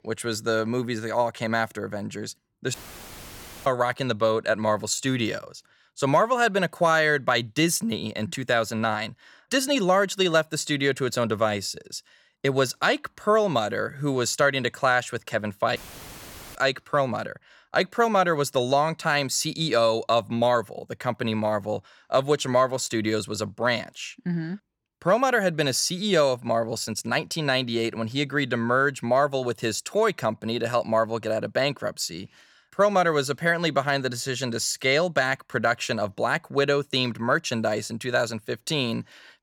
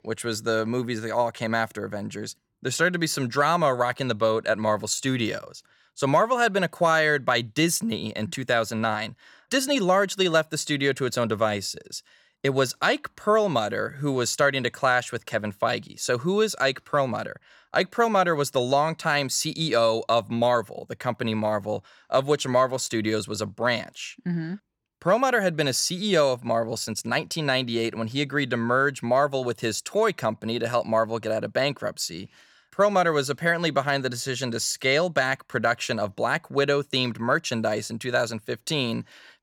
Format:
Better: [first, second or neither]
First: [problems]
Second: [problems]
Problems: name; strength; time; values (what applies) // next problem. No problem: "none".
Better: second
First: audio cutting out; filled with static; at 2.5 s for 1 s and at 16 s for 1 s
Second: none